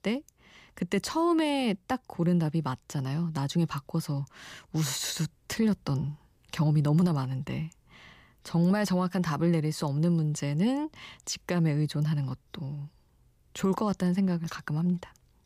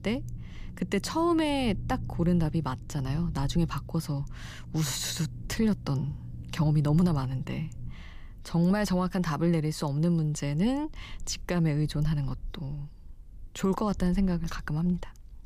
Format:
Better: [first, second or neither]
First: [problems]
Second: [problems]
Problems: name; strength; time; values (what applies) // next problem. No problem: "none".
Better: first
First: none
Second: low rumble; faint; throughout; 20 dB below the speech